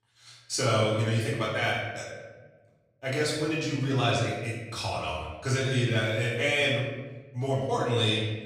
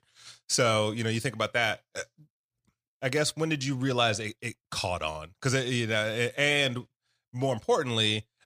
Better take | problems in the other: second | off-mic speech; far // room echo; noticeable; dies away in 1.1 s

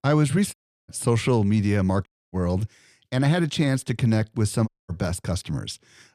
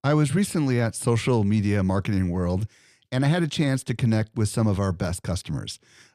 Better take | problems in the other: second | audio cutting out; at 0.5 s, at 2 s and at 4.5 s

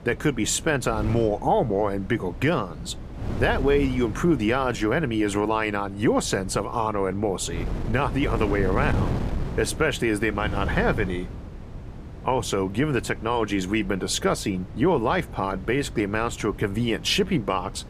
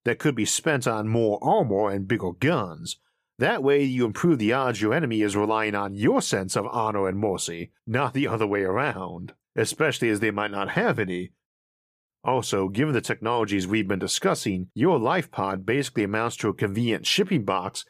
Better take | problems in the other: second | wind noise on the microphone; occasional gusts; 15 dB below the speech

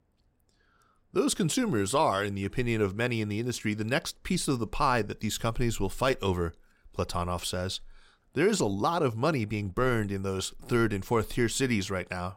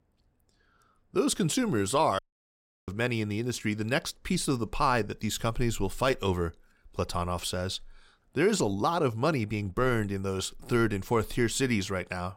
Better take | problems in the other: first | audio cutting out; at 2 s for 0.5 s

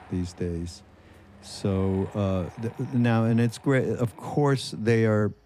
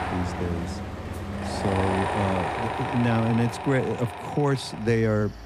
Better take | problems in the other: first | machinery noise; loud; throughout; 4 dB below the speech; faint in the first

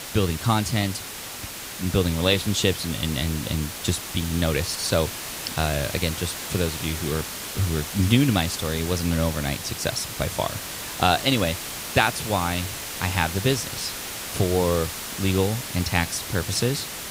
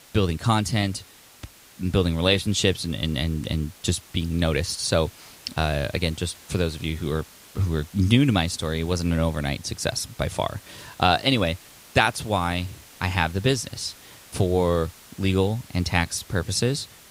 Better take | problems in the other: second | hiss; loud; throughout; 6 dB below the speech; faint in the second

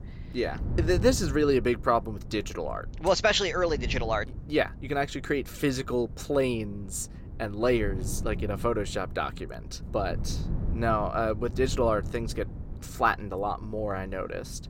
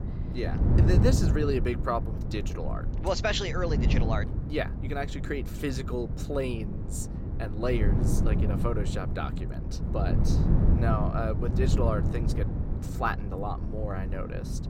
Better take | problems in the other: first | wind noise on the microphone; heavy; 6 dB below the speech; occasional gusts in the first

